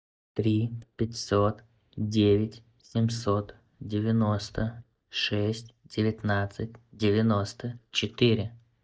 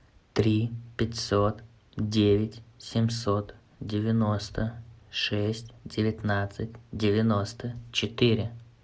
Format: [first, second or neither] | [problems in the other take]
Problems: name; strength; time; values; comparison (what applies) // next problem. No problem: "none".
second | noise reduction (neural mask model DeepFilterNet 3)